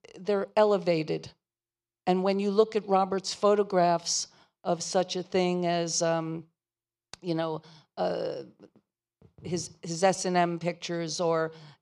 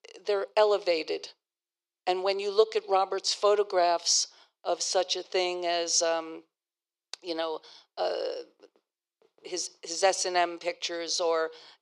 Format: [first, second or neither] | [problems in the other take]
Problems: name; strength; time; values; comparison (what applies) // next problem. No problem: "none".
first | thin; very; fading below 400 Hz